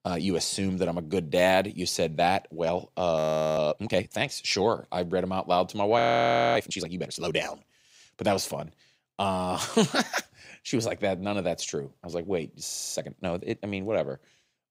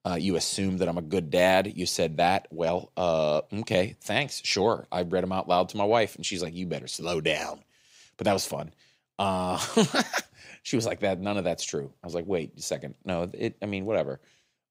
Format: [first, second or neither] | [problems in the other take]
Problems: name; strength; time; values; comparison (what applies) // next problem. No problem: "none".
second | audio freezing; at 3 s, at 6 s for 0.5 s and at 13 s